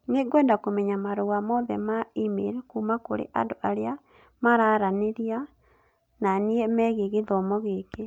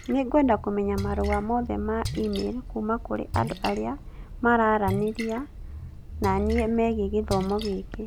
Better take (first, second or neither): first